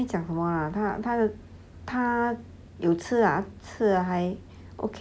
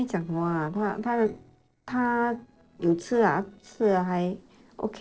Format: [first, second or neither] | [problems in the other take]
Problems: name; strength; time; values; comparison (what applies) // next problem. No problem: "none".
first | noise reduction (neural separator model SepFormer DNS4)